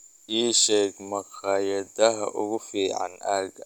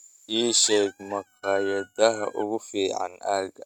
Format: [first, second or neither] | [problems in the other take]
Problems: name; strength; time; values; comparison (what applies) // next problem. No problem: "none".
first | noise reduction (neural mask model RNNoise)